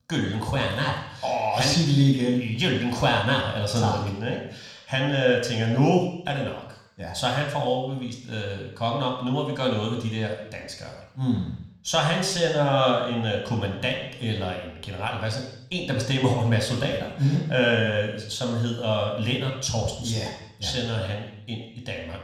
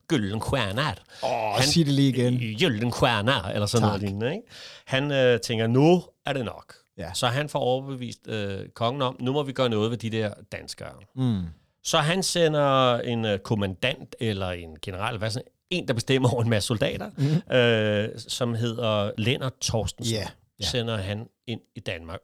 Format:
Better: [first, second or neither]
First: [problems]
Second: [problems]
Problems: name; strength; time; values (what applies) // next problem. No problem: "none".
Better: second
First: room echo; noticeable; dies away in 0.8 s // off-mic speech; somewhat distant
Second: none